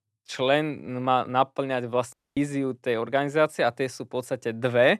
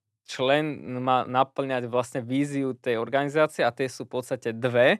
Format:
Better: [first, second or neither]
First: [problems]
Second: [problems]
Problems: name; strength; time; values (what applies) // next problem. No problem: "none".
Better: second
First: audio cutting out; at 2 s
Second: none